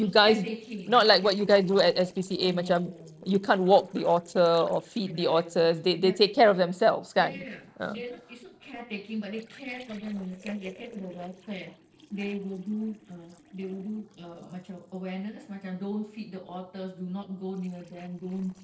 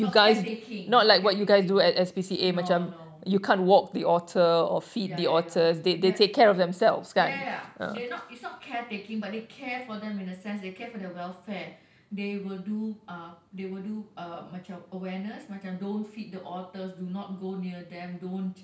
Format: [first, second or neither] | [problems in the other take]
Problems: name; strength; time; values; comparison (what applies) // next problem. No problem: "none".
second | noise reduction (neural separator model SepFormer DNS4)